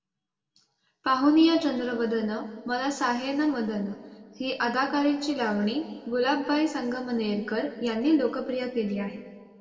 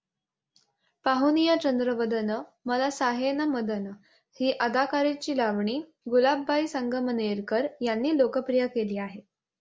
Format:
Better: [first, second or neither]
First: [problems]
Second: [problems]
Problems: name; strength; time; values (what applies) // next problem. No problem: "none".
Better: second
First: room echo; dies away in 1.6 s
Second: none